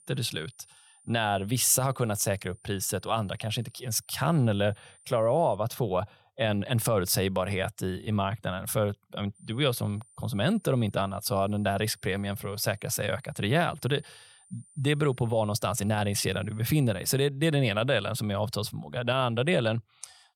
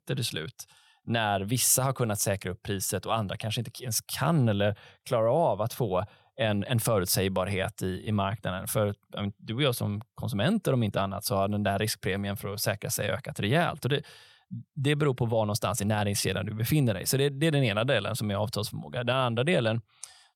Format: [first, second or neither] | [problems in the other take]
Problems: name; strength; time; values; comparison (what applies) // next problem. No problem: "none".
second | high-pitched whine; faint; until 5.5 s and from 9.5 to 17 s; 9 kHz, 30 dB below the speech